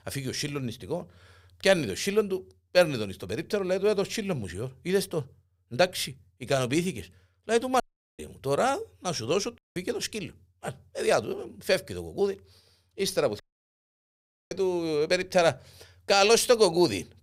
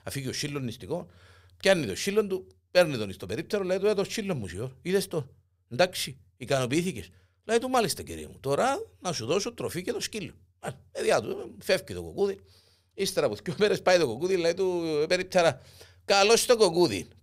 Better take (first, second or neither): second